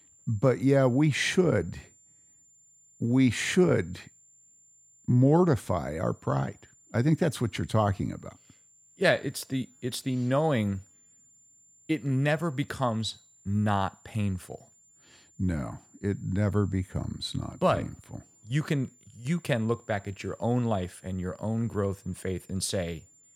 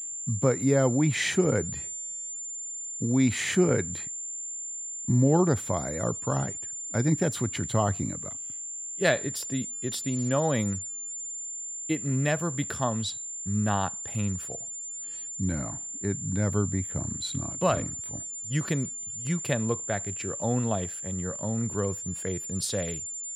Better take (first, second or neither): first